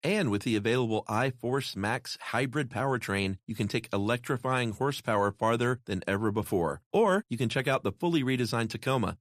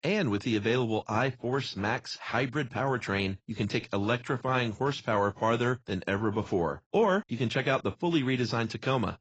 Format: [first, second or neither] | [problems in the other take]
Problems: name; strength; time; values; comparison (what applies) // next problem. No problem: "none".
first | garbled, watery; badly; nothing above 7.5 kHz